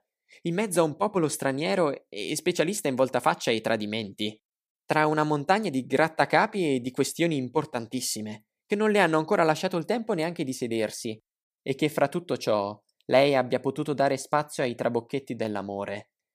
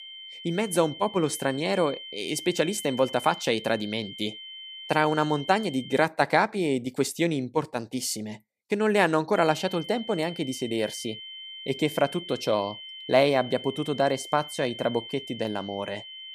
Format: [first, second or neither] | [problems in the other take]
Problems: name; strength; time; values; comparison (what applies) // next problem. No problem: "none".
first | high-pitched whine; noticeable; until 6 s and from 9.5 s on; 3 kHz, 10 dB below the speech